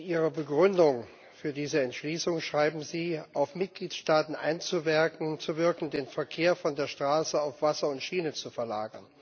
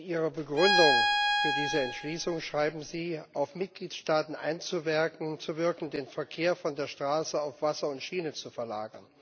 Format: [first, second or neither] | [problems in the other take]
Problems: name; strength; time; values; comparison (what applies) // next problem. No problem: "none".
first | background sound (Bowed string instrument); 3 dB above the speech